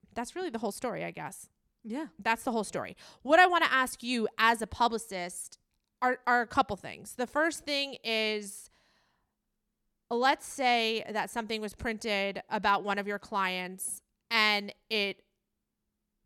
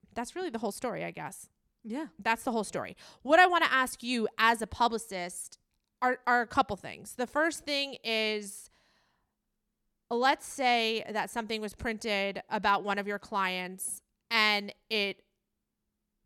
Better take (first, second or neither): neither